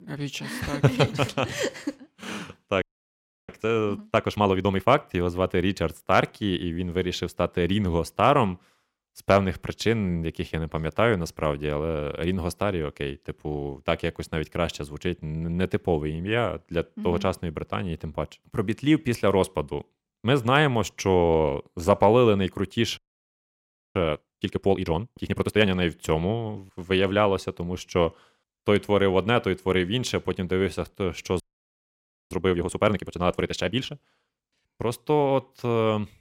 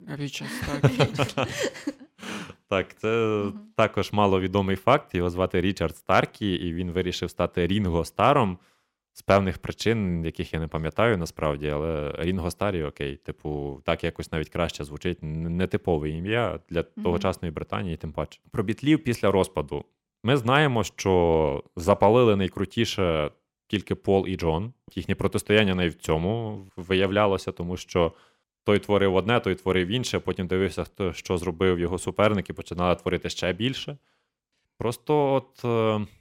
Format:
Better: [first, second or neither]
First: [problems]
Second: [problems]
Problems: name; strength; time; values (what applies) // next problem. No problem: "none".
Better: second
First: audio freezing; at 3 s for 0.5 s, at 23 s for 1 s and at 31 s for 1 s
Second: none